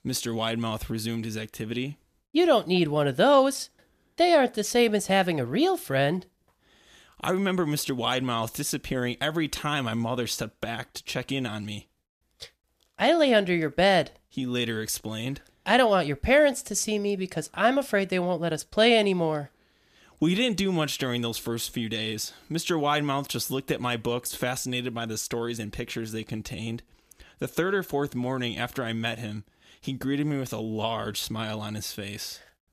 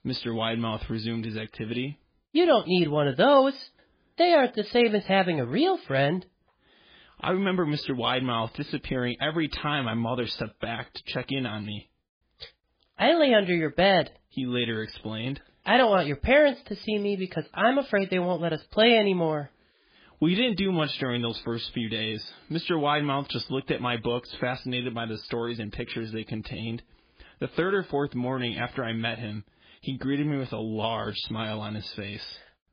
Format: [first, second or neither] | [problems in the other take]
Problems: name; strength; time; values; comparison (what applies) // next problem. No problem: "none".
first | garbled, watery; badly; nothing above 5 kHz